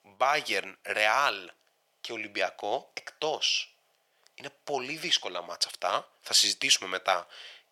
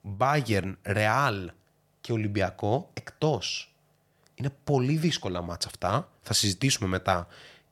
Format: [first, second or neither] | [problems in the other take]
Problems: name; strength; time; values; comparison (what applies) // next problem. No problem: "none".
second | thin; very; fading below 650 Hz